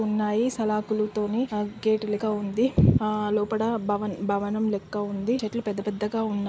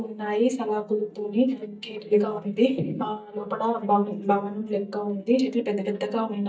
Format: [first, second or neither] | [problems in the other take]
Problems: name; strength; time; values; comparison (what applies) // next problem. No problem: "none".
first | noise reduction (neural mask model DeepFilterNet 3)